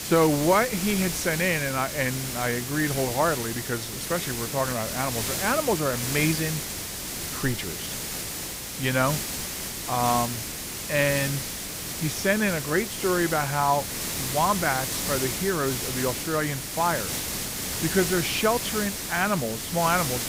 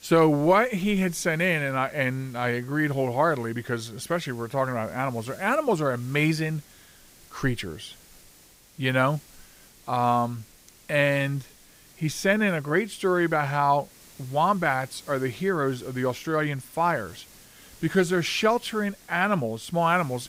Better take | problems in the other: second | hiss; loud; throughout; 3 dB below the speech; faint in the second

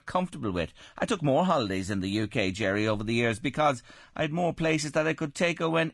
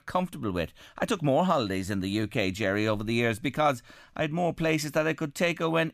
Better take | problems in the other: second | garbled, watery; slightly; nothing above 10.5 kHz

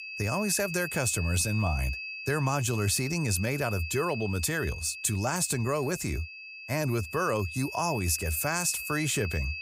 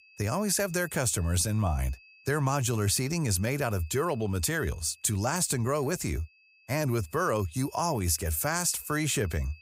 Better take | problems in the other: second | high-pitched whine; loud; throughout; 2.5 kHz, 8 dB below the speech; faint in the second

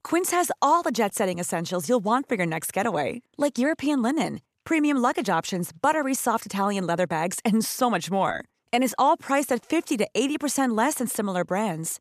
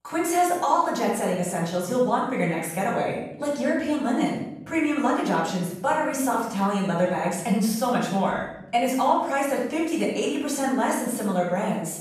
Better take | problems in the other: first | off-mic speech; far // room echo; noticeable; dies away in 0.8 s

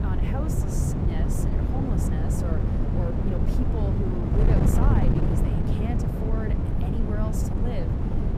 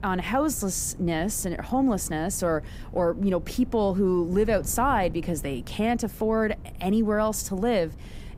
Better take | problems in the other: second | wind noise on the microphone; heavy; 4 dB above the speech; occasional gusts in the second

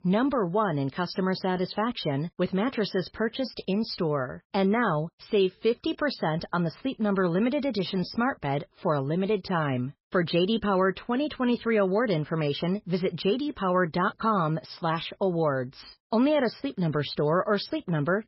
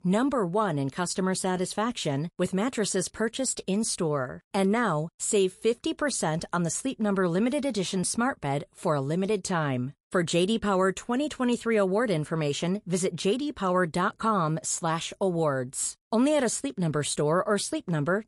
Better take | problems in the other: second | garbled, watery; badly; nothing above 5.5 kHz; slightly in the second

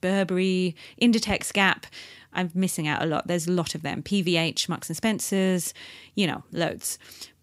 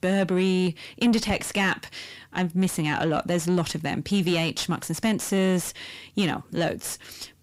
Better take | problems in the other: first | distortion; slight; 10 dB below the speech

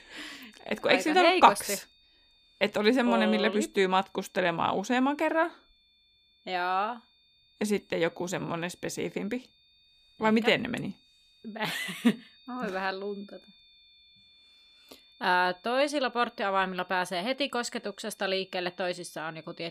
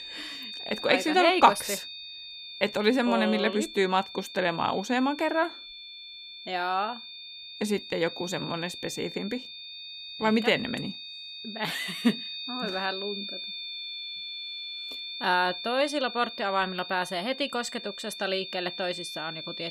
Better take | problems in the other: first | high-pitched whine; loud; throughout; 3.5 kHz, 9 dB below the speech; faint in the first

